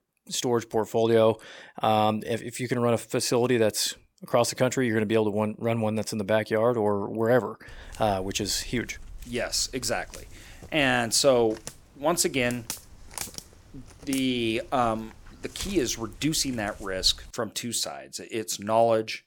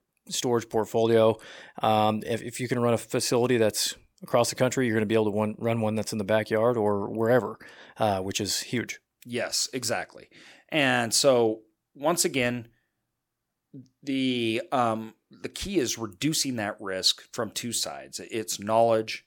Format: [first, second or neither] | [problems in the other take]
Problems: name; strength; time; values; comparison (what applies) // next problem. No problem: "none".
second | footsteps; noticeable; from 7.5 to 17 s; peak 9 dB below the speech